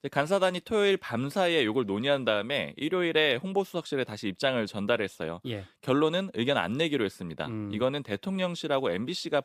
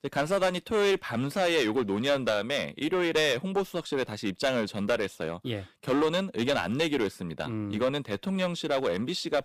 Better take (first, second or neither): first